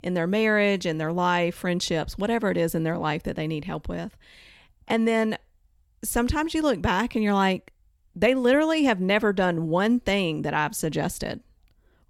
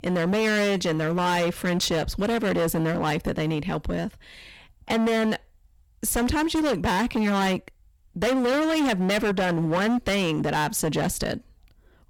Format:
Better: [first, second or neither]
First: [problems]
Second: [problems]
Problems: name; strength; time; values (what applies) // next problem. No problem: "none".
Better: first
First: none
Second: distortion; heavy; 23% of the sound clipped